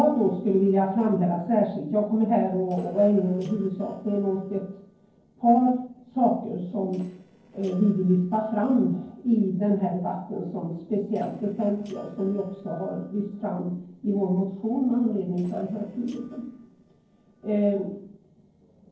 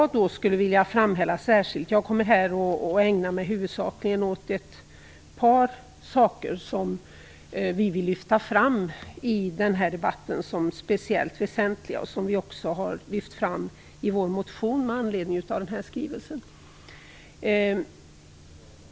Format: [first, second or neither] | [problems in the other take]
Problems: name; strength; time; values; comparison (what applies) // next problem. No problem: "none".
second | noise reduction (neural separator model SepFormer DNS4)